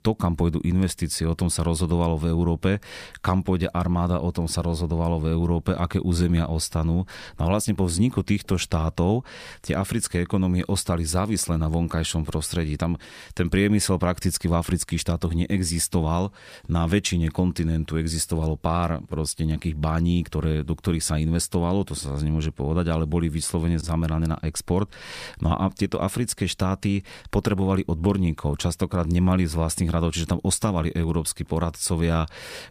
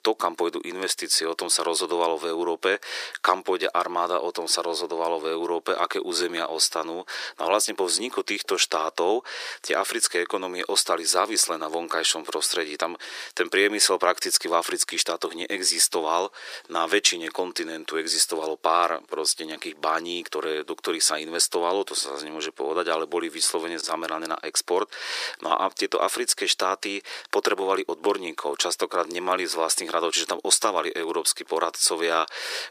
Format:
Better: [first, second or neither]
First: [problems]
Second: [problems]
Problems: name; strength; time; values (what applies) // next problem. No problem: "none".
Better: first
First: none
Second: thin; very; fading below 350 Hz